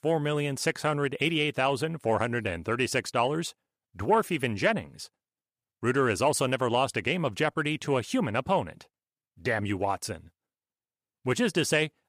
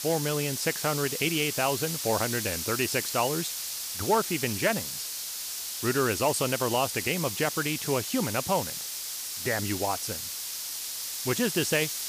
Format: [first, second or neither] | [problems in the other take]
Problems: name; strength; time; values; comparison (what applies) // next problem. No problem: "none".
first | hiss; loud; throughout; 3 dB below the speech